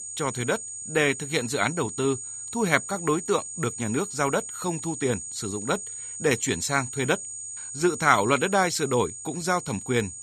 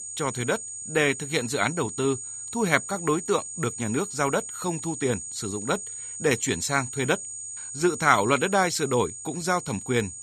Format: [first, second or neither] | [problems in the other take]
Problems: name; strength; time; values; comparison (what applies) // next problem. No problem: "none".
neither | high-pitched whine; loud; throughout; 7 kHz, 8 dB below the speech; the same in both